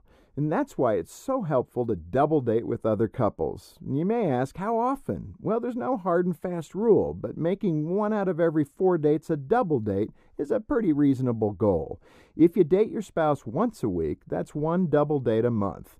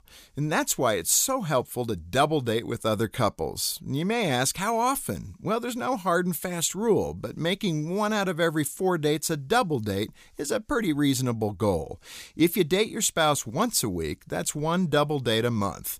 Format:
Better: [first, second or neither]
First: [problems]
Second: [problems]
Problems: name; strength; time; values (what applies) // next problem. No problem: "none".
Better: second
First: muffled; very; fading above 2 kHz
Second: none